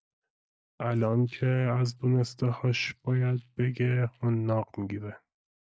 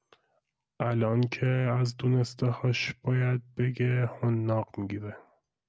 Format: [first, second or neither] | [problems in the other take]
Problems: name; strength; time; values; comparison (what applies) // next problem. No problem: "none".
second | noise reduction (neural mask model DeepFilterNet 3)